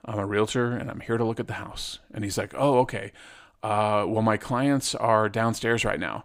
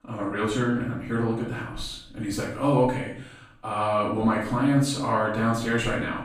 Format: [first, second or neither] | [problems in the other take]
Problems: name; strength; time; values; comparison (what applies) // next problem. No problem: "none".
first | off-mic speech; far // room echo; noticeable; dies away in 0.6 s